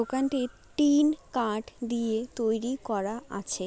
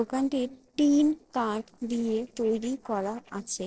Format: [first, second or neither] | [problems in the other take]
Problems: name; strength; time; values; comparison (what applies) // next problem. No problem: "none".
first | noise reduction (neural separator model SepFormer DNS4)